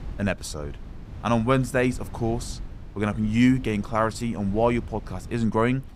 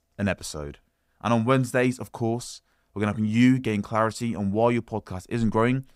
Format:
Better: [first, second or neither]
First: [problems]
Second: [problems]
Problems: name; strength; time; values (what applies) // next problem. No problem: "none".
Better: second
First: wind noise on the microphone; occasional gusts; 25 dB below the speech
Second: none